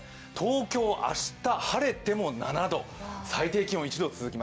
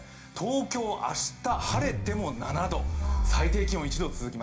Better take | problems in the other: first | background sound (Zipper (clothing)); 2 dB above the speech // room echo; dies away in 0.4 s

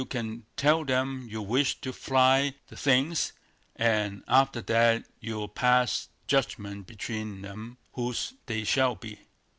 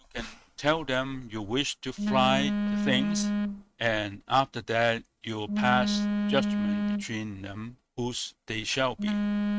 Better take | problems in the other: first | noise reduction (neural mask model RNNoise)

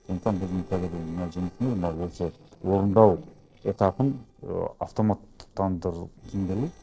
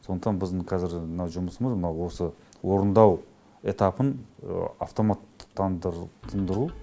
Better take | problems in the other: second | noise reduction (neural separator model SepFormer DNS4)

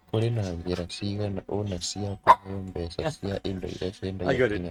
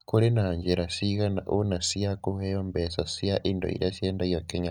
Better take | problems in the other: second | noise reduction (neural mask model RNNoise)

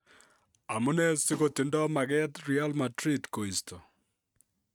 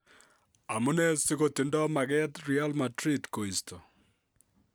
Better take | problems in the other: second | noise reduction (neural mask model RNNoise)

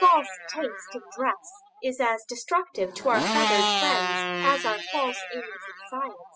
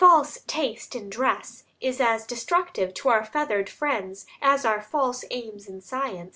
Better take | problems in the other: second | noise reduction (classical method spectral subtraction)

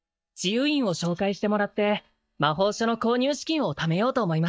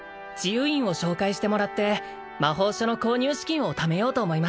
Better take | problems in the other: second | noise reduction (neural mask model DeepFilterNet 3)

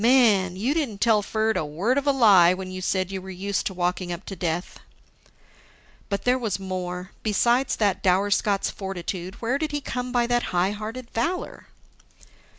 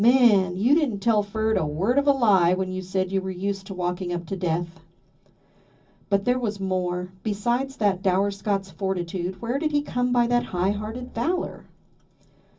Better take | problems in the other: first | background sound (Drum); 19 dB below the speech // room echo; dies away in 0.4 s

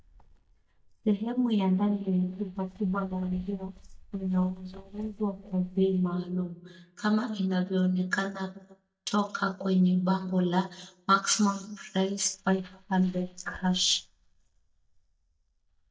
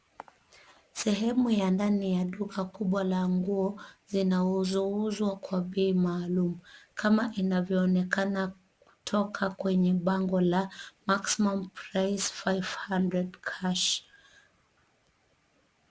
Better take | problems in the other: second | noise reduction (neural mask model DeepFilterNet 3)

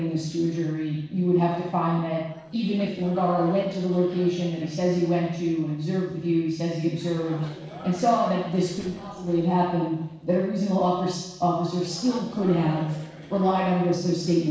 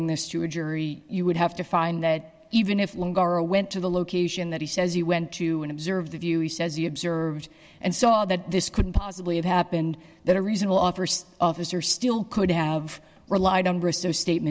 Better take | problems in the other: second | noise reduction (neural separator model SepFormer DNS4)

